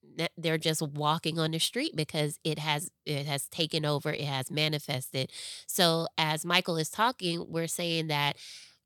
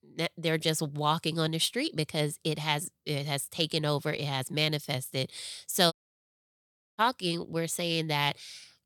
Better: first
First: none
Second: audio cutting out; at 6 s for 1 s

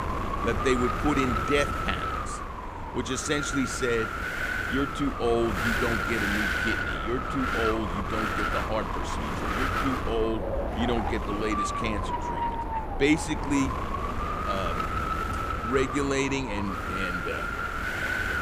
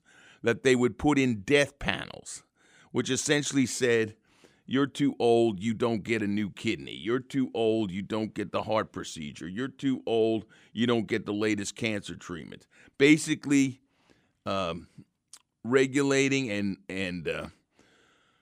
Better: second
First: wind noise on the microphone; heavy; 3 dB above the speech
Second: none

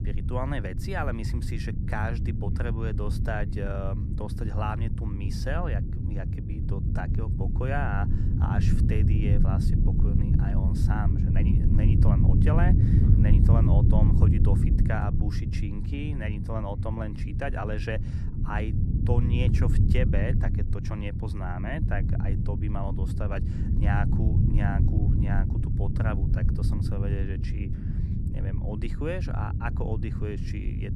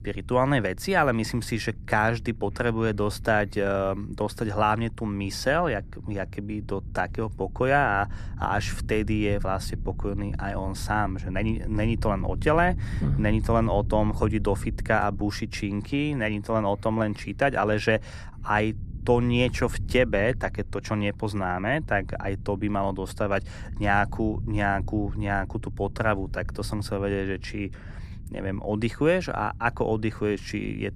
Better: second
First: low rumble; loud; throughout; 2 dB below the speech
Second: low rumble; faint; throughout; 25 dB below the speech

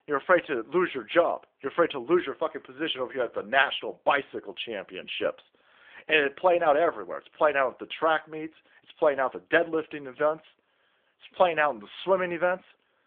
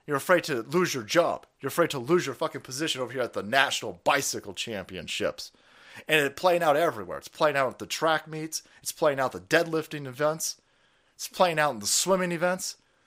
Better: second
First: phone-call audio; nothing above 3.5 kHz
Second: none

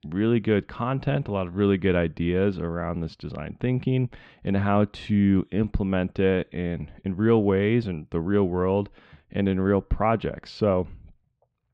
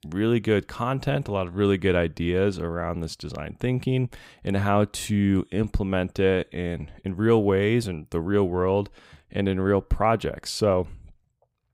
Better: second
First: muffled; slightly; fading above 3.5 kHz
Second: none

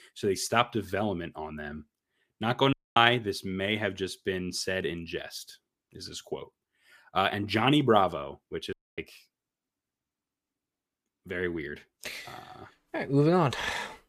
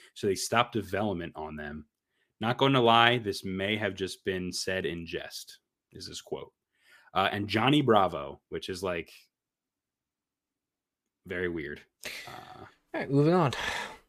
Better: second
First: audio cutting out; at 2.5 s and at 8.5 s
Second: none

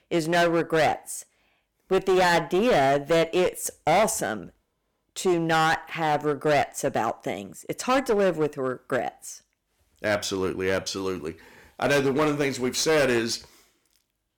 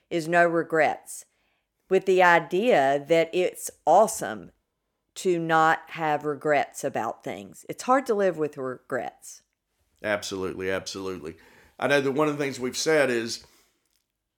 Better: second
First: distortion; heavy; 12% of the sound clipped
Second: none

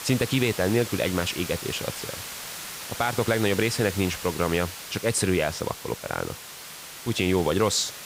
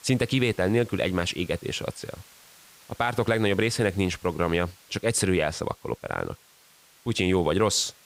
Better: second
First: hiss; loud; throughout; 9 dB below the speech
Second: hiss; faint; throughout; 25 dB below the speech

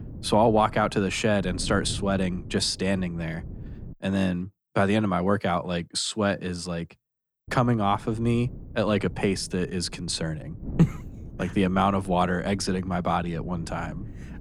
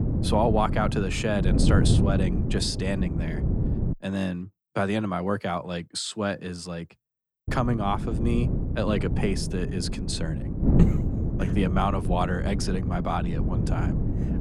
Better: first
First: wind noise on the microphone; occasional gusts; until 4 s and from 7.5 s on; 25 dB below the speech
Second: wind noise on the microphone; heavy; until 4 s and from 7.5 s on; 7 dB below the speech

